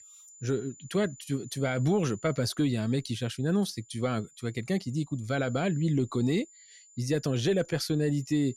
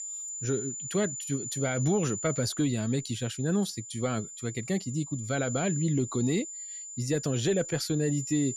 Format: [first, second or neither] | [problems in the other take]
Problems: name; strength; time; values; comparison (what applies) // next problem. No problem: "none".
first | high-pitched whine; loud; throughout; 7 kHz, 7 dB below the speech; faint in the first